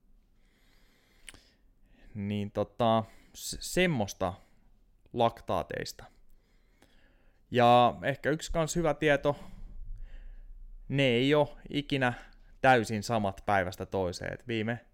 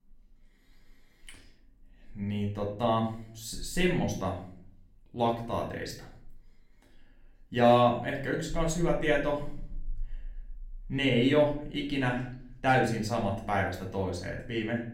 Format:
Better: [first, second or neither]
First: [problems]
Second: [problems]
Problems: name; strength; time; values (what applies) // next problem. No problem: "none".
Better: first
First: none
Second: room echo; slight; dies away in 0.5 s // off-mic speech; far